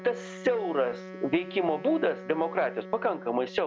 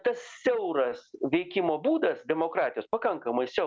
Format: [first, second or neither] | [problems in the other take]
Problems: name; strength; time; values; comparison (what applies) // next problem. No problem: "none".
second | background sound (Wind instrument, woodwind instrument); 14 dB below the speech